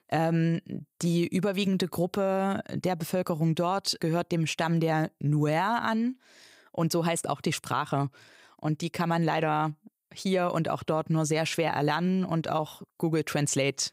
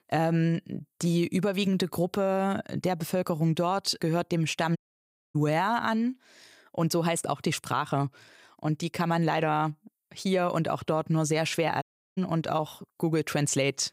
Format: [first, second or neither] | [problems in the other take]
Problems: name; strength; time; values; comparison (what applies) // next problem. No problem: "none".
first | audio cutting out; at 5 s for 0.5 s and at 12 s